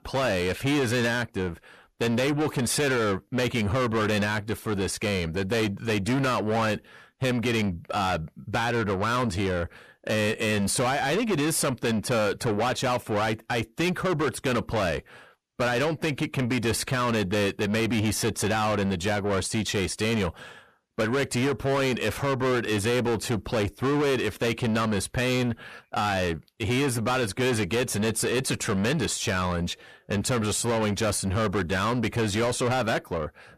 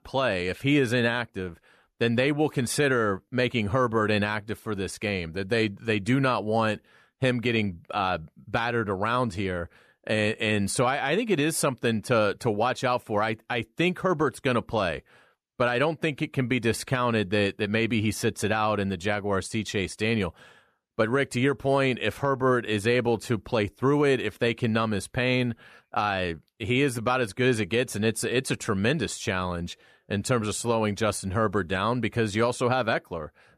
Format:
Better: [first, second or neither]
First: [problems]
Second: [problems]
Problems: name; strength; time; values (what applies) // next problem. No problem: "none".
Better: second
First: distortion; heavy; 7 dB below the speech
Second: none